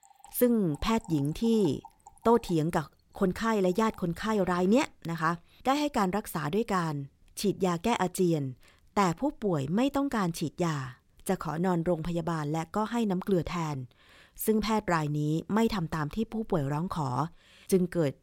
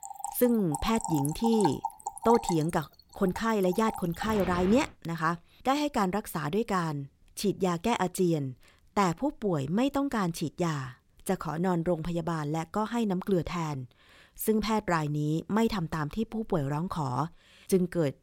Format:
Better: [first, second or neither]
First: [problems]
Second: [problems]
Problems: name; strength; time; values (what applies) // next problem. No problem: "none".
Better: first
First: rain or running water; faint; until 5 s; 25 dB below the speech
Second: rain or running water; loud; until 5 s; 8 dB below the speech